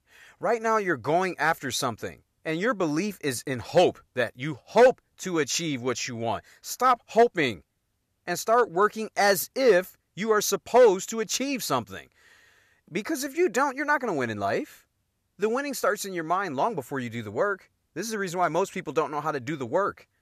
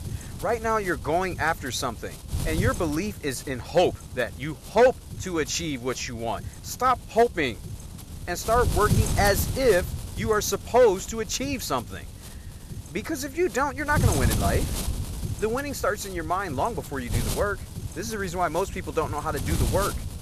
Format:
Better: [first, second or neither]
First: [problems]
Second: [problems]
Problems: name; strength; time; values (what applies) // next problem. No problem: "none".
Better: first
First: none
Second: wind noise on the microphone; occasional gusts; 15 dB below the speech